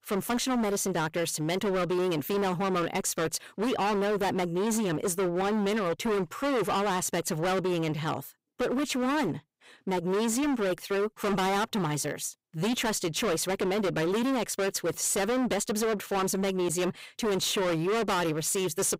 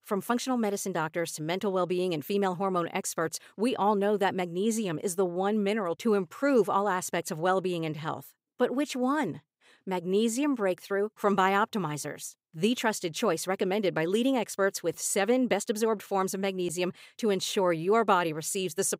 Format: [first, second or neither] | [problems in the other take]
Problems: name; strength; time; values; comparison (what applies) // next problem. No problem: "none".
second | distortion; heavy; 29% of the sound clipped